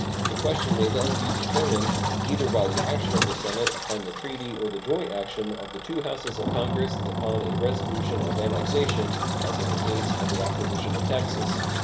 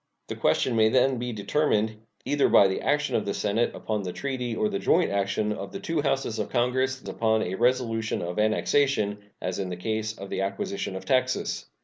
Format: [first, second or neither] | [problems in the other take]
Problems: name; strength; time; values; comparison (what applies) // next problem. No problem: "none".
second | background sound (Engine); 3 dB above the speech // room echo; dies away in 2 s